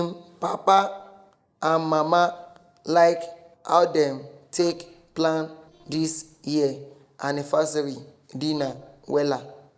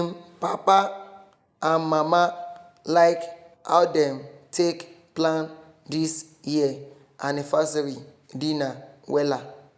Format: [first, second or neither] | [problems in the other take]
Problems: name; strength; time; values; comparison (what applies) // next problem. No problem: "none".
second | noise reduction (neural separator model SepFormer DNS4)